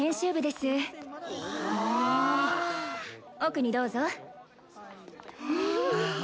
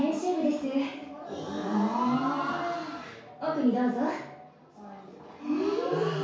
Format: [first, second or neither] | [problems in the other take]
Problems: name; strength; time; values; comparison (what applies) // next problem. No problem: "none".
first | room echo; dies away in 0.6 s